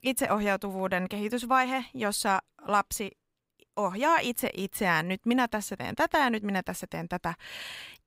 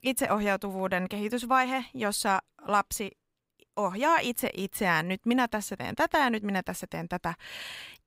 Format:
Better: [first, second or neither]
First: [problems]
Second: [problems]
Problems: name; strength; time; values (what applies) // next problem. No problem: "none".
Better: neither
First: none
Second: none